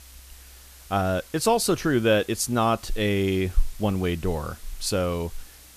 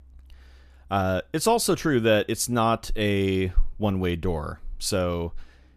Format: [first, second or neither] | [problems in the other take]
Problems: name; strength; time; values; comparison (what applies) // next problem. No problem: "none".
second | hiss; faint; throughout; 20 dB below the speech